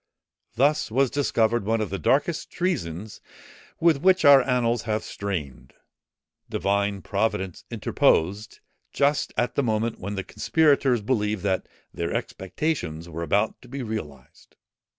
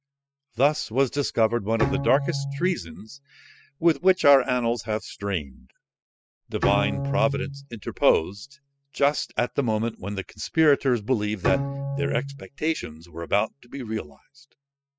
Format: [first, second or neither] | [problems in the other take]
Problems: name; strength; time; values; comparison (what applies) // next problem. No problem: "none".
first | noise reduction (classical method spectral subtraction)